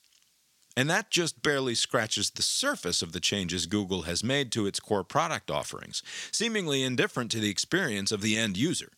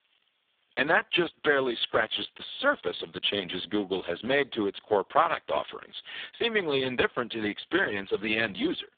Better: first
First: none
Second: phone-call audio; poor line; nothing above 3.5 kHz

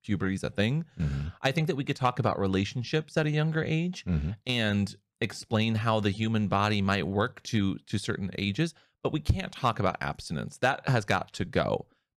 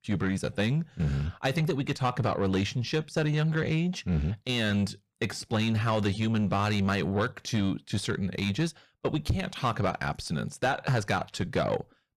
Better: first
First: none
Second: distortion; slight; 10 dB below the speech

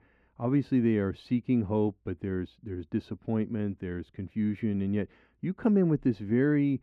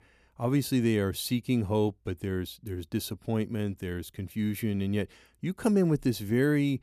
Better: second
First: muffled; very; fading above 2 kHz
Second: none

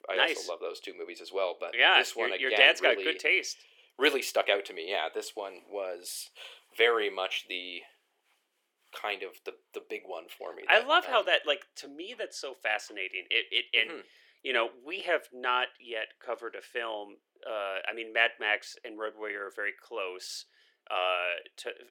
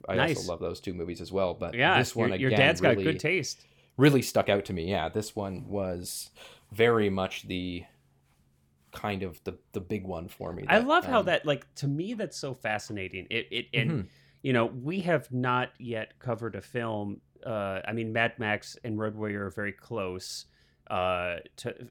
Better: second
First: thin; very; fading below 400 Hz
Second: none

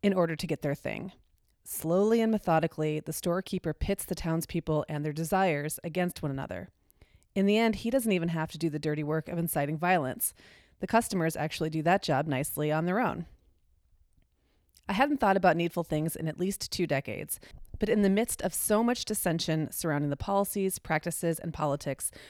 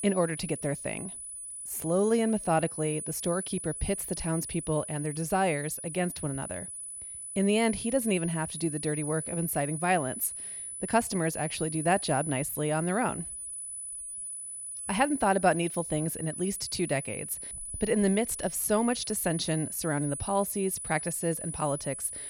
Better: first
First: none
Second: high-pitched whine; loud; throughout; 10 kHz, 6 dB below the speech

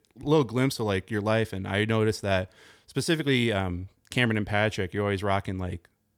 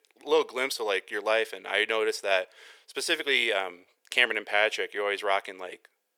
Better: first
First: none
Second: thin; very; fading below 450 Hz

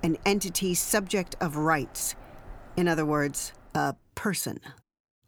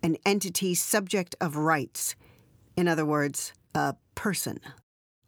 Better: second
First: animal sounds; faint; until 3.5 s; 25 dB below the speech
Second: none

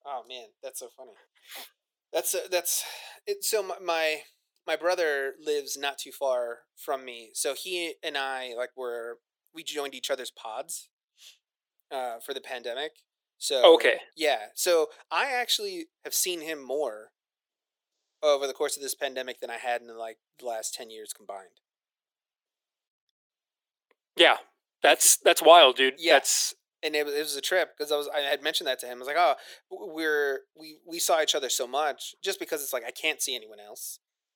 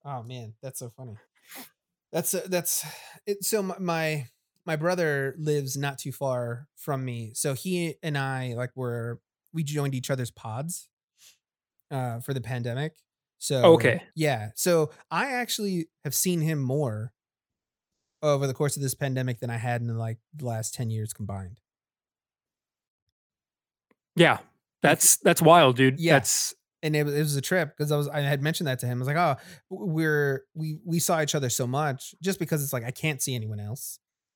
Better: second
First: thin; very; fading below 350 Hz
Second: none

